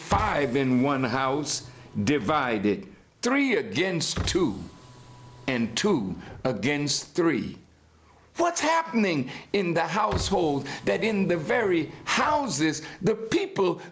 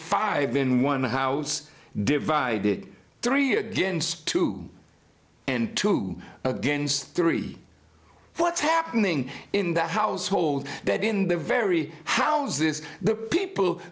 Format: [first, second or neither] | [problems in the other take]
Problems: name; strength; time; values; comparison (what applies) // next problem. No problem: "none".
second | background sound (Car); 14 dB below the speech